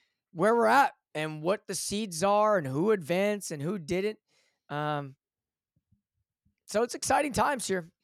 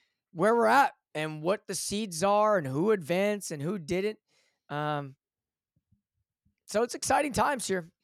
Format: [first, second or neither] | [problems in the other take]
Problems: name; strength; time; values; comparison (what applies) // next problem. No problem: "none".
neither | none